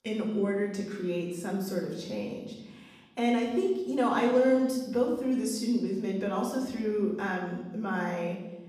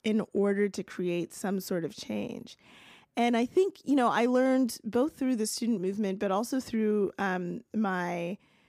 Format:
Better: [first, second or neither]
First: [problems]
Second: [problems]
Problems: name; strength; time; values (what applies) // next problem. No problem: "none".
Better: second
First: room echo; noticeable; dies away in 1.1 s // off-mic speech; far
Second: none